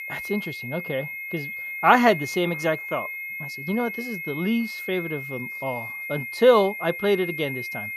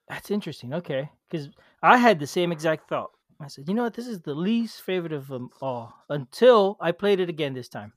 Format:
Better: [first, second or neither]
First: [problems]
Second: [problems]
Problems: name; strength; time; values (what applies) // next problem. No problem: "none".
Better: second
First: high-pitched whine; loud; throughout; 2 kHz, 7 dB below the speech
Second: none